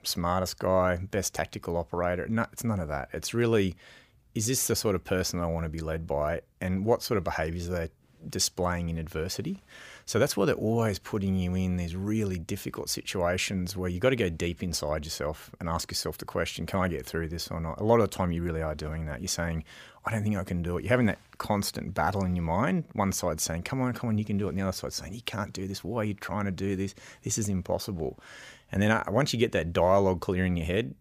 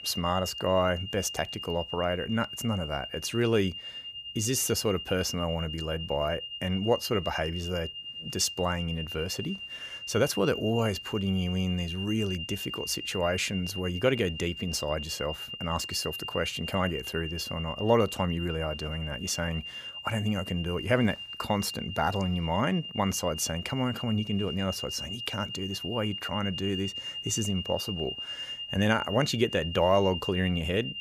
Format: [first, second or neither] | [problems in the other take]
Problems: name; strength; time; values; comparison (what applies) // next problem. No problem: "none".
first | high-pitched whine; loud; throughout; 3 kHz, 7 dB below the speech